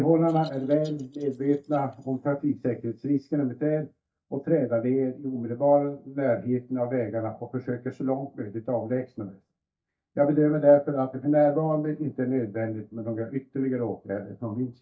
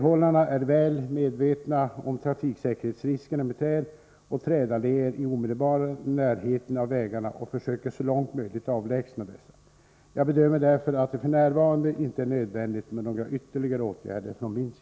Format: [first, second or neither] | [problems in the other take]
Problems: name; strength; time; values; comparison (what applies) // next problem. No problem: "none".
second | noise reduction (neural mask model DeepFilterNet 3)